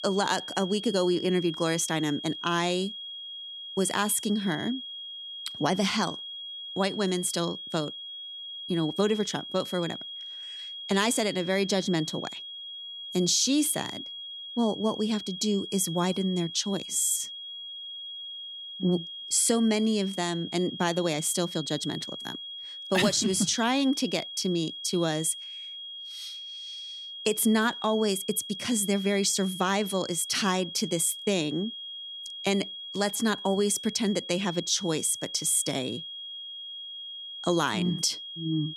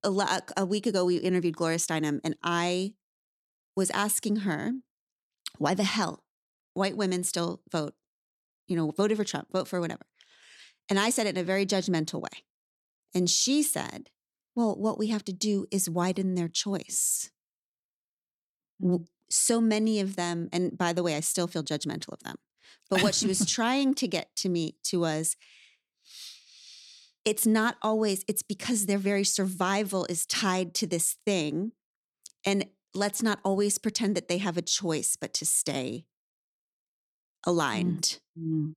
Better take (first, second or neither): second